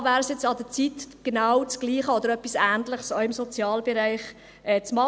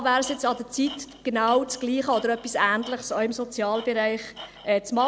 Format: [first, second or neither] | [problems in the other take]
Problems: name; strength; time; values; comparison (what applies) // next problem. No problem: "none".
first | background sound (Tools); 19 dB below the speech